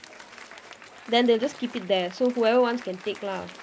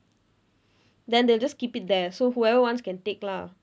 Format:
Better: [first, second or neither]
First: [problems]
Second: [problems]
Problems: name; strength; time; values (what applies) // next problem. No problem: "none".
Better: second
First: background sound (Applause); 19 dB below the speech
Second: none